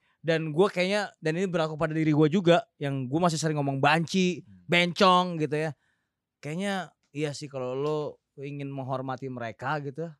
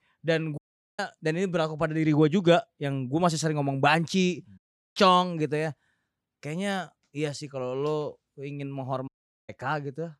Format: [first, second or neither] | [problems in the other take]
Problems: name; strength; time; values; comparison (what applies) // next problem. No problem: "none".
first | audio cutting out; at 0.5 s, at 4.5 s and at 9 s